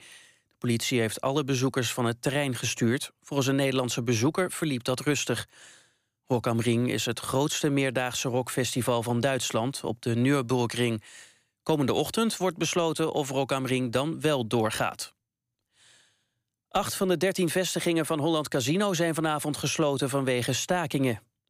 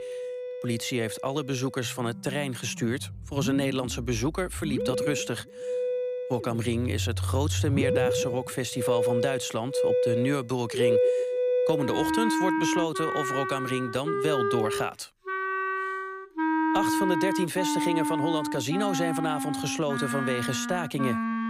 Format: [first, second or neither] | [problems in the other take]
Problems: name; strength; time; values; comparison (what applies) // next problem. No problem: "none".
first | background music; very loud; throughout; 1 dB above the speech